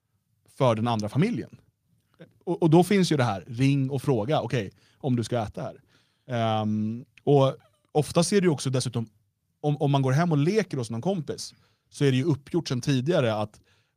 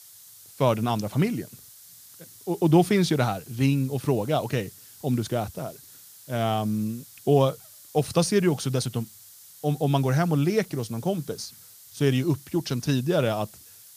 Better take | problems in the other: first | hiss; faint; throughout; 20 dB below the speech

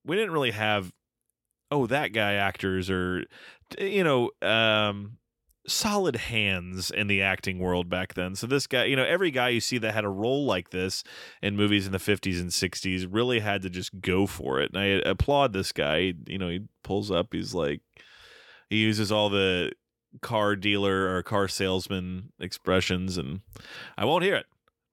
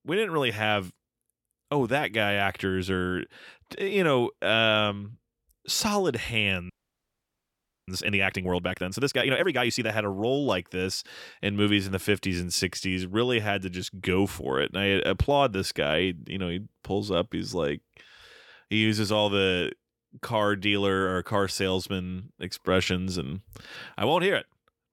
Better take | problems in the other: first | audio freezing; at 6.5 s for 1 s

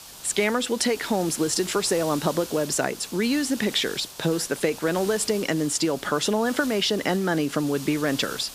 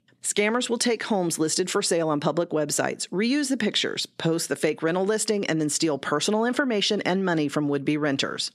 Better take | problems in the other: second | hiss; noticeable; throughout; 15 dB below the speech

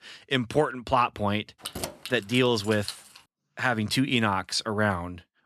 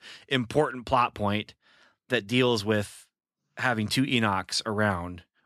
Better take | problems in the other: second | jangling keys; noticeable; from 1.5 to 3 s; peak 9 dB below the speech

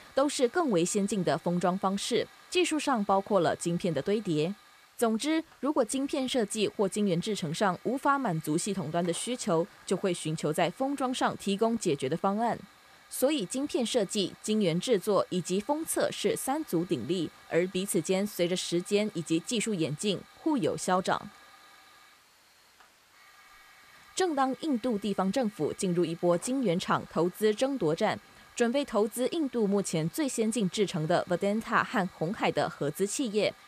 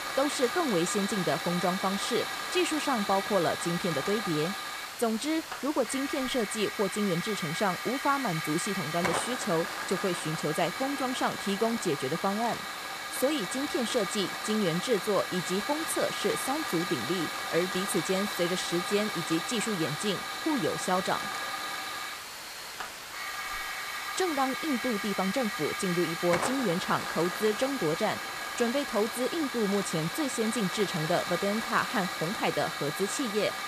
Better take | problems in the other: first | hiss; loud; throughout; 3 dB below the speech; faint in the first

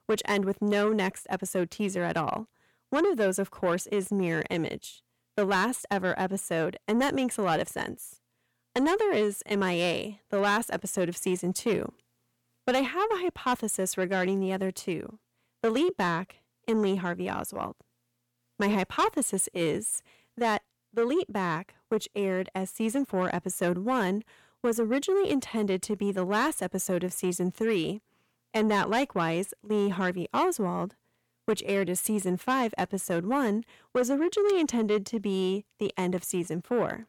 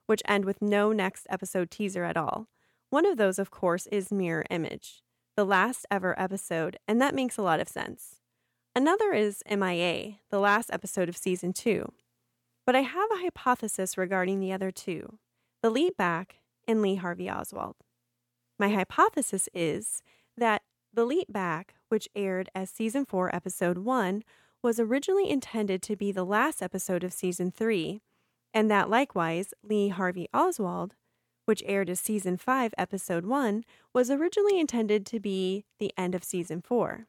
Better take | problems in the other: second | distortion; slight; 10 dB below the speech

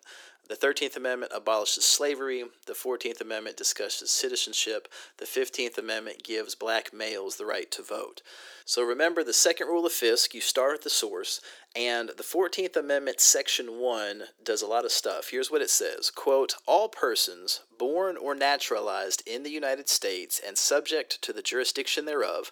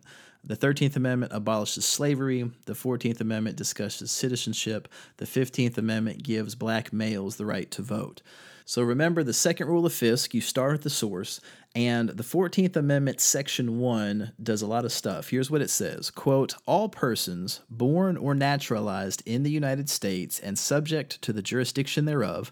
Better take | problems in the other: second | thin; very; fading below 350 Hz

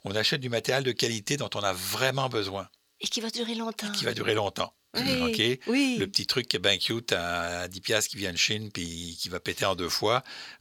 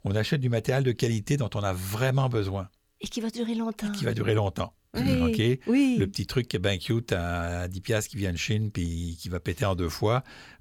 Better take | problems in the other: second | thin; somewhat; fading below 1 kHz

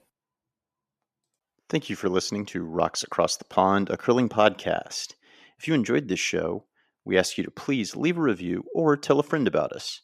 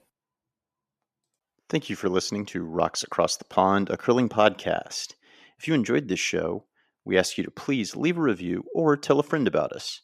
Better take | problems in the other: neither | none

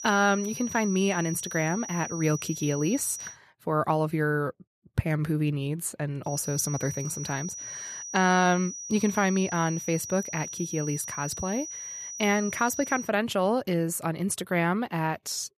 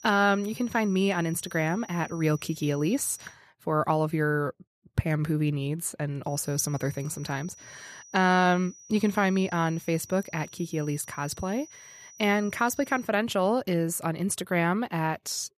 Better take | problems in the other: second | high-pitched whine; loud; until 3.5 s and from 6.5 to 13 s; 6 kHz, 8 dB below the speech; faint in the second

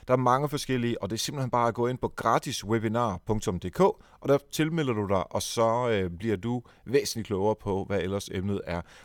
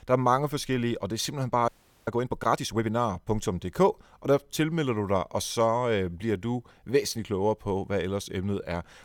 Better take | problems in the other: first | audio freezing; at 1.5 s

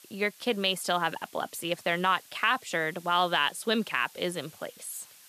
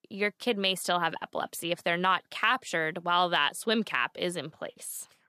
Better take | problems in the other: second | hiss; faint; throughout; 25 dB below the speech

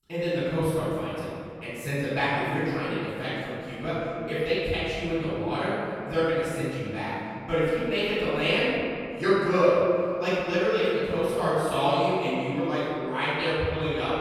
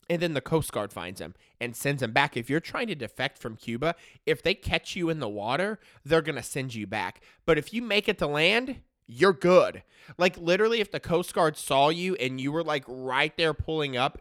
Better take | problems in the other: second | off-mic speech; far // room echo; strong; dies away in 2.5 s

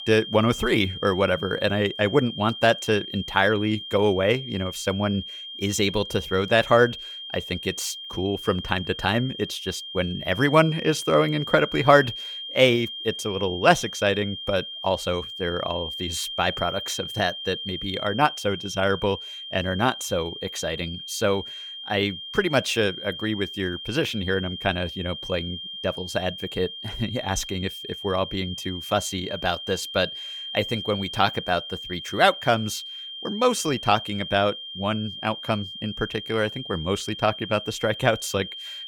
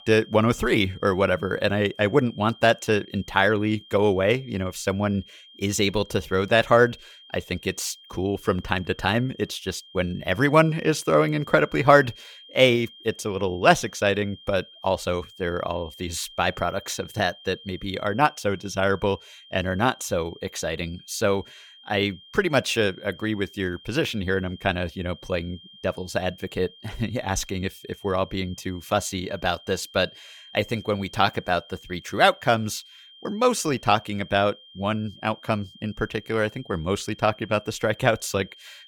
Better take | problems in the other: second | high-pitched whine; loud; throughout; 3 kHz, 9 dB below the speech; faint in the second

